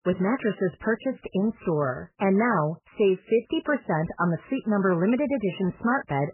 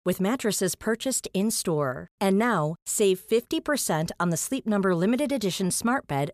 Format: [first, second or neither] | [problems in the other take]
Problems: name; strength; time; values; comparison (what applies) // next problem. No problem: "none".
second | garbled, watery; badly; nothing above 3 kHz